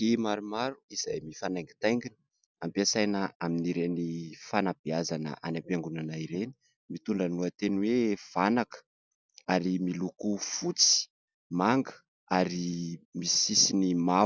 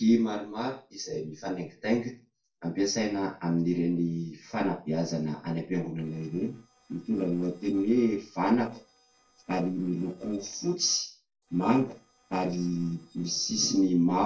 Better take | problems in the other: first | noise reduction (neural separator model SepFormer DNS4)

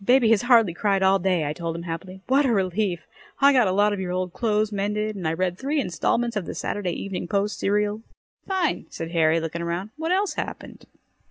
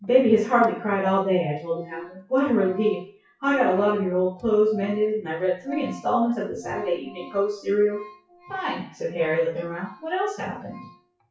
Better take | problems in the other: first | noise reduction (classical method WPE with log-MMSE)

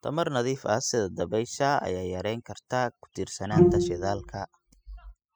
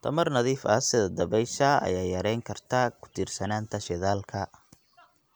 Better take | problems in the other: second | noise reduction (classical method spectral subtraction)

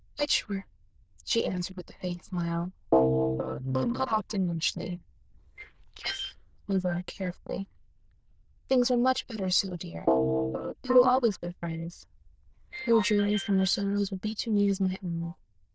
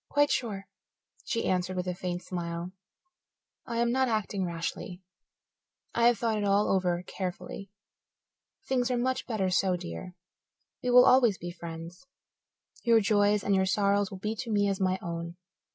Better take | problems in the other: second | noise reduction (neural diffusion model UNIVERSE++)

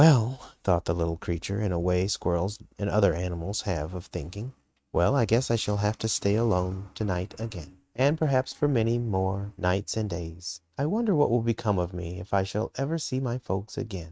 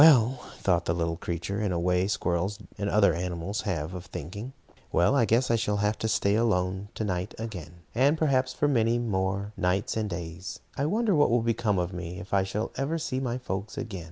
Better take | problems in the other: second | noise reduction (neural mask model RNNoise)

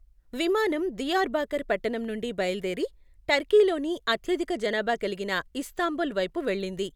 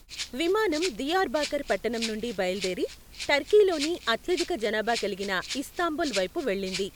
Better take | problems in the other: first | background sound (Rattle (instrument)); 12 dB below the speech

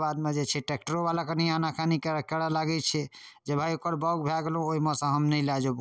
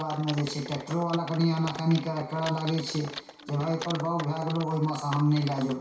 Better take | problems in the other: first | background sound (Typing); 13 dB below the speech // room echo; dies away in 0.6 s

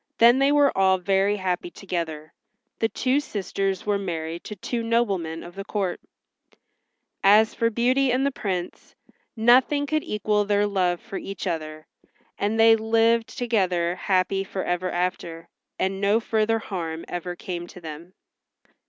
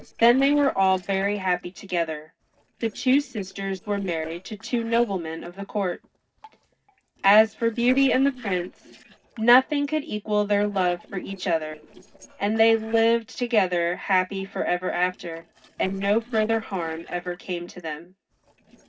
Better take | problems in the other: first | noise reduction (neural separator model SepFormer DNS4)

